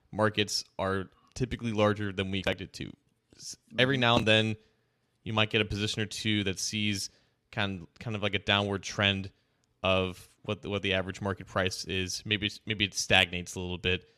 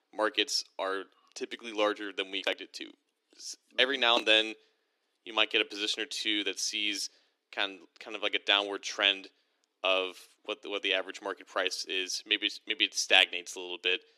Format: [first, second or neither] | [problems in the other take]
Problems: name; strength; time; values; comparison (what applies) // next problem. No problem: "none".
first | thin; very; fading below 300 Hz